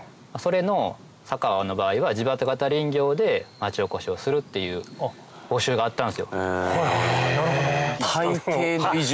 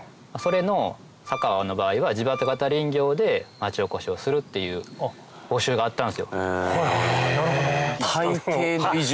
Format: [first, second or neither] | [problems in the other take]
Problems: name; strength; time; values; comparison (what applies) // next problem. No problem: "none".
first | background sound (Wind instrument, woodwind instrument); 15 dB below the speech